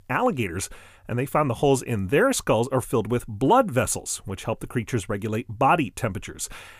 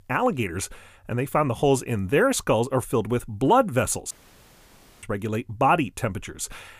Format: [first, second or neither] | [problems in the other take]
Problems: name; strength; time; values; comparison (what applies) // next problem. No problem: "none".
first | audio cutting out; at 4 s for 1 s